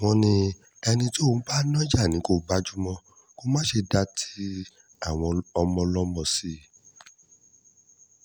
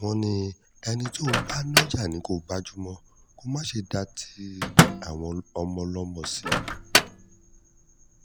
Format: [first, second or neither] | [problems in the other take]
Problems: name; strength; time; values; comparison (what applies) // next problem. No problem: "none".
first | background sound (Microwave oven); 3 dB above the speech